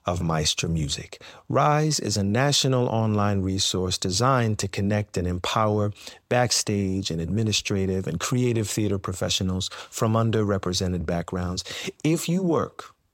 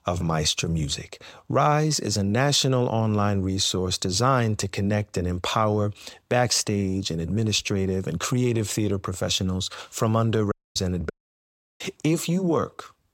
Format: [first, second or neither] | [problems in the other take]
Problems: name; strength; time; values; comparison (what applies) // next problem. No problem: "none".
first | audio cutting out; at 11 s for 0.5 s